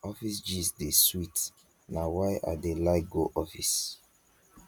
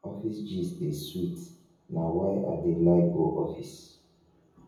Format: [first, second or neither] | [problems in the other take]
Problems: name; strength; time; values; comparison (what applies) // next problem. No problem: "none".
first | room echo; dies away in 0.7 s